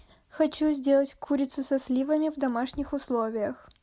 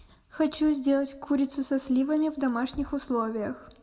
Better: first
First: none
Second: room echo; dies away in 1 s

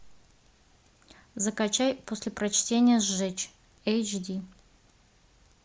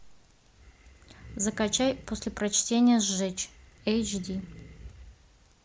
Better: first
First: none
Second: background sound (Animal); 19 dB below the speech

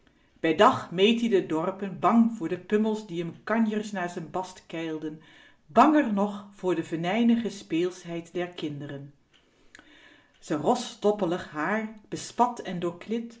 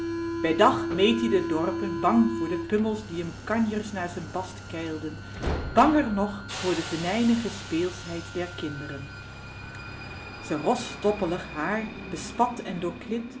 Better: first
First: none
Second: background sound (Subway, metro, underground); 7 dB below the speech

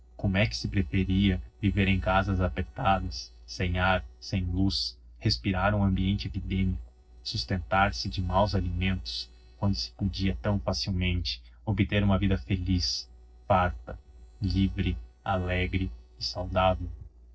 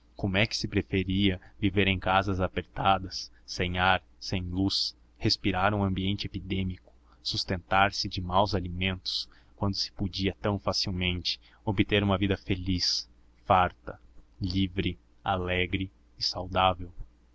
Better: second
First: noise reduction (neural separator model SepFormer DNS4)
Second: none

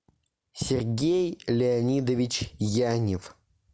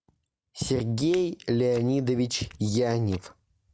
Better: first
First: none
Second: noise reduction (neural mask model RNNoise)

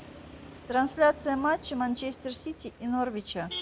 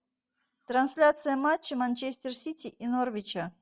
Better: second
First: background sound (Motor vehicle (road)); 15 dB below the speech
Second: none

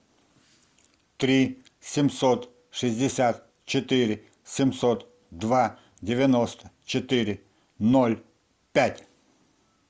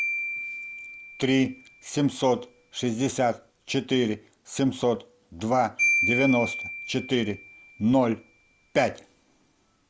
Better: first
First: none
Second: background sound (Marimba, xylophone); 7 dB below the speech

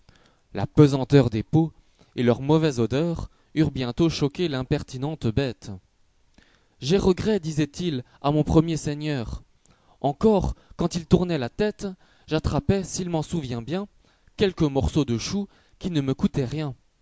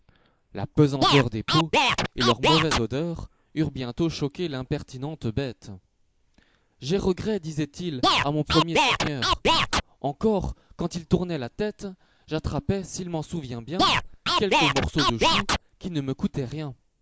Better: first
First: none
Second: noise reduction (neural mask model Resemble Enhance denoiser)

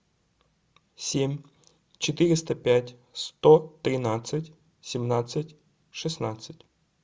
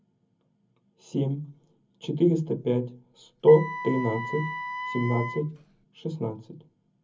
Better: first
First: none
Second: background sound (Wind instrument, woodwind instrument); 8 dB below the speech // room echo; dies away in 0.3 s

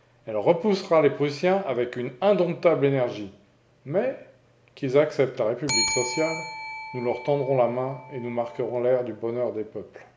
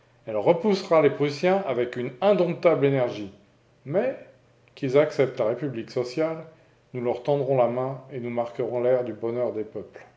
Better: second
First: background sound (Bell); 8 dB below the speech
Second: none

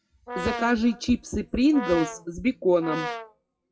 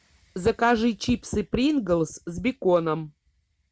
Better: second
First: noise reduction (classical method WPE with log-MMSE)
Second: none

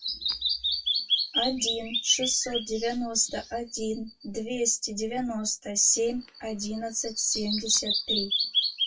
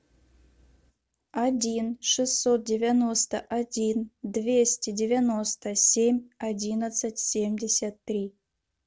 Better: second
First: noise reduction (classical method WPE with log-MMSE)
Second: none

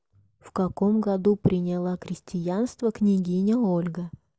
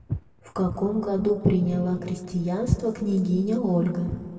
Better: first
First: none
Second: background sound (Walk, footsteps); 10 dB below the speech // room echo; dies away in 1.9 s

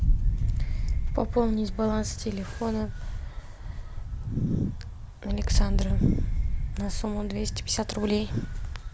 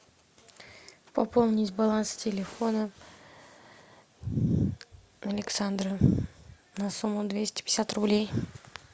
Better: second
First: background sound (Wind); 3 dB above the speech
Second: none

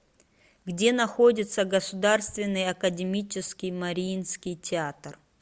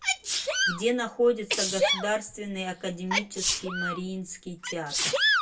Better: first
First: none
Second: background sound (Sneeze); 2 dB above the speech // room echo; dies away in 0.2 s

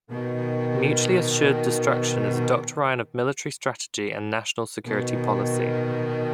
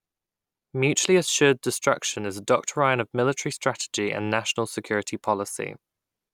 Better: second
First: background sound (Bowed string instrument); as loud as the speech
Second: none

